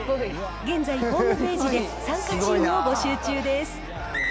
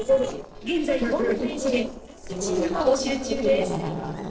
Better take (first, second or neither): first